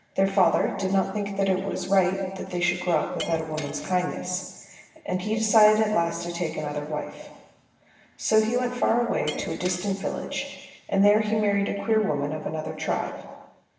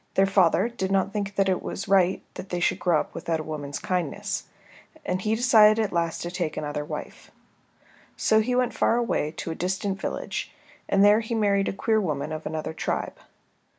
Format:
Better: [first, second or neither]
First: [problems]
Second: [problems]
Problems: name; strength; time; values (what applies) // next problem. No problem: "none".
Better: second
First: background sound (Shatter); 17 dB below the speech // room echo; dies away in 1.3 s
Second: none